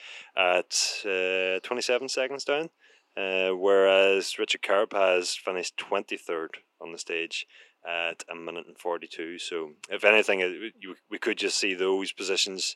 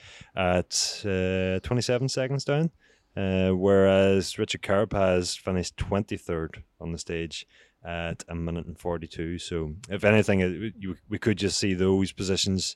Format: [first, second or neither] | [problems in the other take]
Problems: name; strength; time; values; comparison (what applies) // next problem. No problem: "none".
second | thin; very; fading below 300 Hz